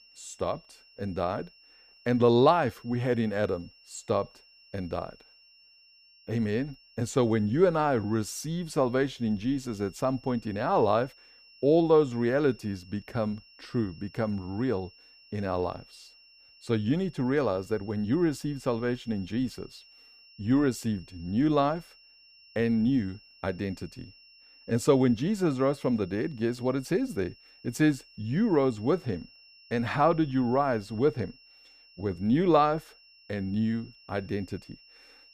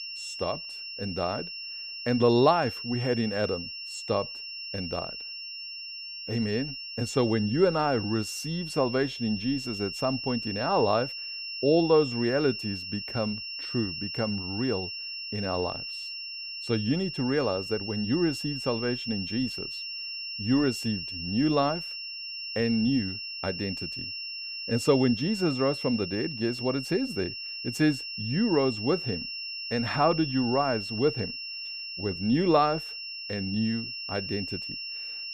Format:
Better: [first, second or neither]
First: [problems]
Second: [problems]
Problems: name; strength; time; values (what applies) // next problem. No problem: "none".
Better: first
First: high-pitched whine; faint; throughout; 5.5 kHz, 25 dB below the speech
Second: high-pitched whine; loud; throughout; 5.5 kHz, 6 dB below the speech